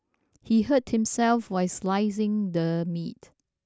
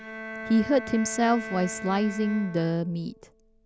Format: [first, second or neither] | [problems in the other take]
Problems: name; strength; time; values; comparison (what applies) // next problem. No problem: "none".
first | background sound (Bowed string instrument); 12 dB below the speech